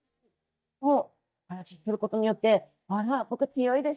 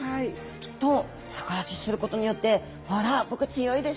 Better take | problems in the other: second | noise reduction (neural mask model DeepFilterNet 3)

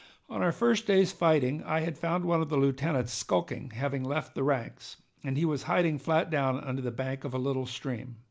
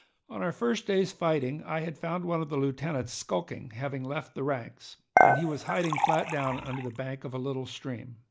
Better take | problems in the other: first | noise reduction (neural mask model DeepFilterNet 3)

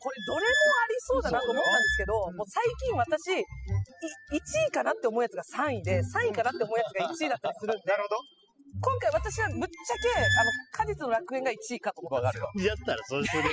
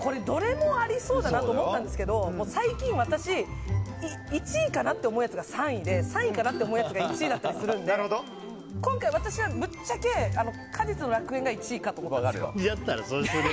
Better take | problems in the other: second | noise reduction (classical method spectral subtraction)

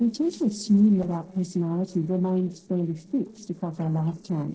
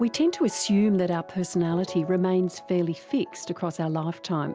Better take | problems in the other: second | noise reduction (neural separator model SepFormer DNS4)

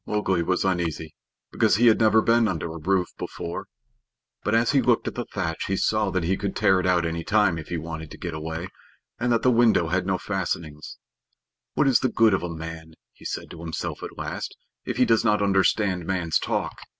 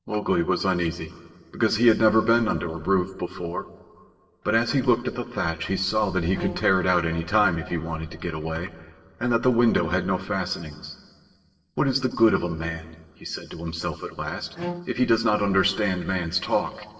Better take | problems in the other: first | noise reduction (neural separator model SepFormer DNS4)

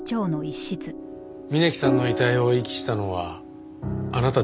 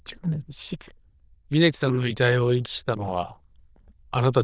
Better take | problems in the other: first | noise reduction (neural diffusion model UNIVERSE++)

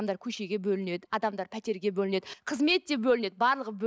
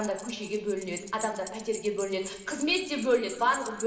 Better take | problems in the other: first | background sound (Keys jangling); 14 dB below the speech // room echo; dies away in 2.9 s

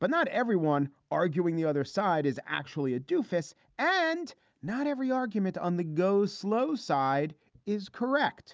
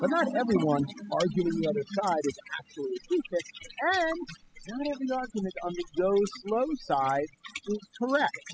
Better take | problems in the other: first | noise reduction (classical method spectral subtraction)

